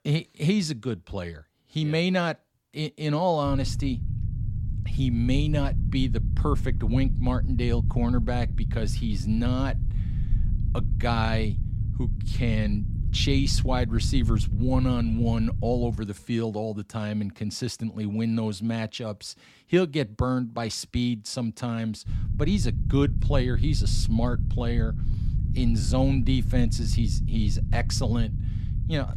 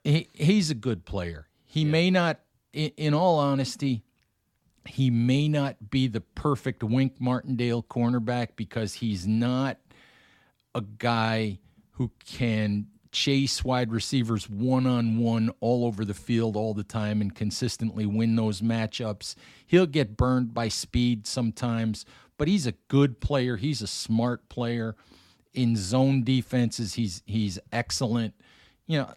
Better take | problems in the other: second | low rumble; noticeable; from 3.5 to 16 s and from 22 s on; 10 dB below the speech

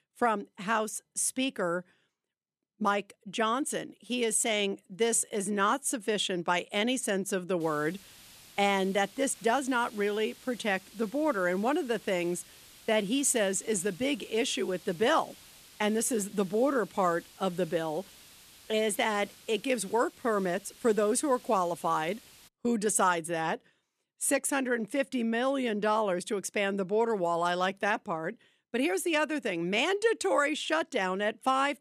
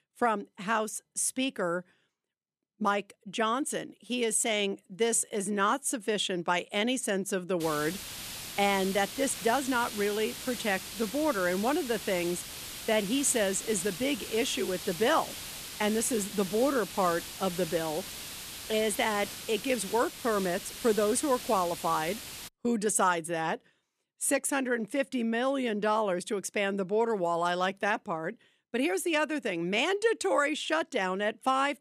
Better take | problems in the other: first | hiss; loud; from 7.5 to 22 s; 9 dB below the speech; faint in the first

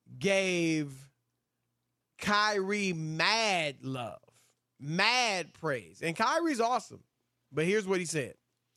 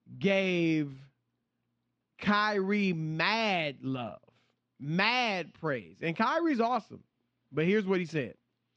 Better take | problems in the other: first | muffled; very slightly; fading above 4 kHz

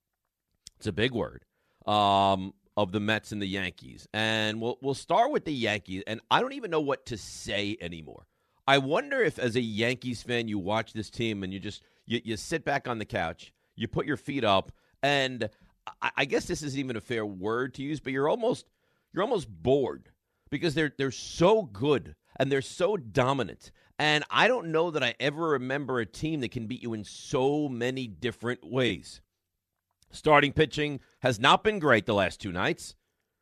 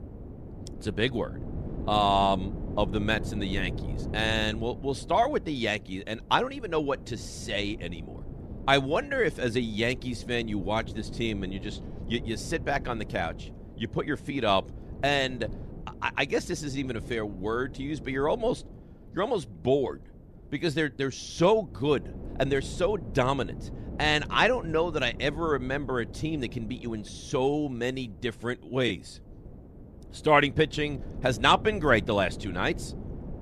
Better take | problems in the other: first | wind noise on the microphone; occasional gusts; 20 dB below the speech

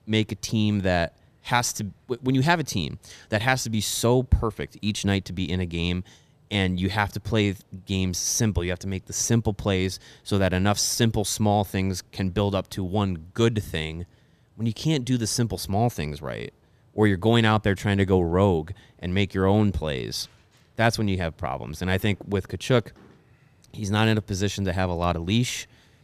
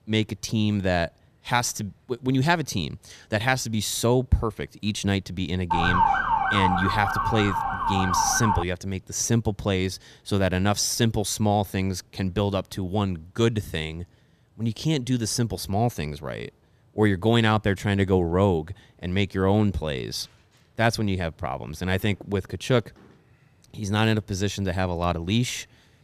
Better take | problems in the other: first | siren; loud; from 5.5 to 8.5 s; peak 4 dB above the speech

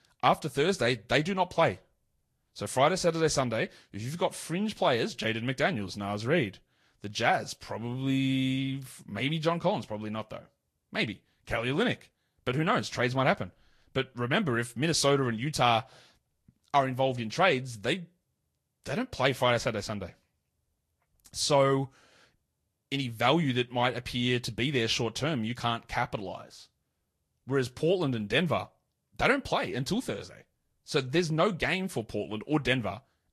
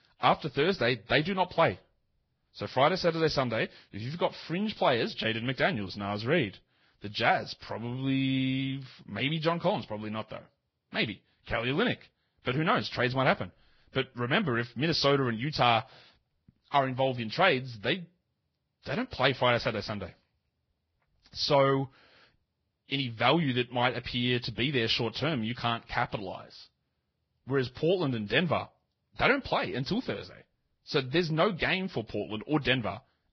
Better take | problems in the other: first | garbled, watery; badly; nothing above 5.5 kHz; slightly in the first

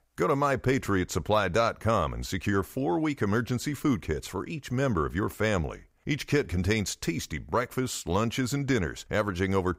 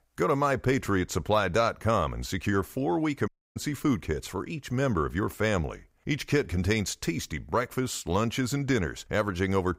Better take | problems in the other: first | audio cutting out; at 3.5 s

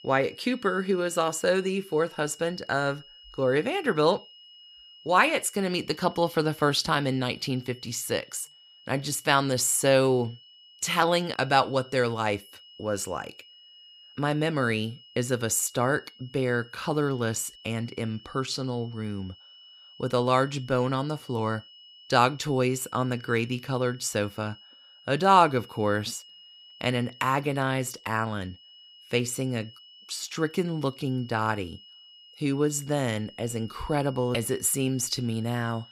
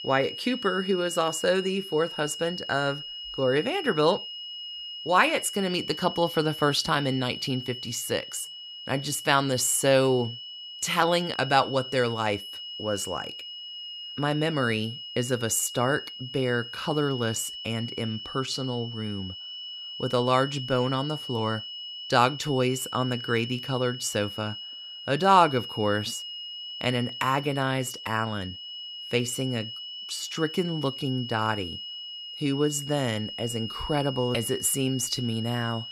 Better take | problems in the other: first | high-pitched whine; loud; throughout; 3 kHz, 9 dB below the speech; faint in the first

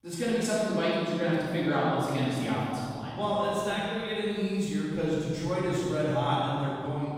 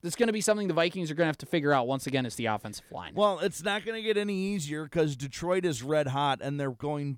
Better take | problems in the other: second | off-mic speech; far // room echo; strong; dies away in 2.3 s

